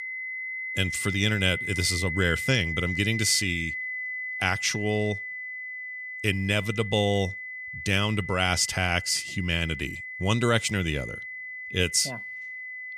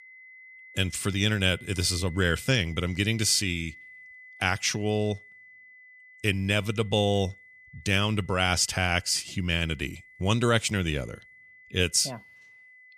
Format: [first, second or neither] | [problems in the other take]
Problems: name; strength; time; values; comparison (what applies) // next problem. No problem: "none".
second | high-pitched whine; loud; throughout; 2 kHz, 7 dB below the speech; faint in the second